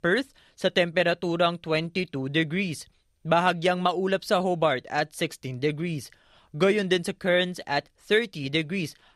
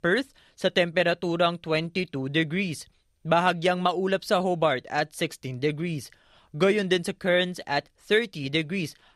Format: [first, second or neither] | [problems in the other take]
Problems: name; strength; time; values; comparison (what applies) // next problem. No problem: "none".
neither | none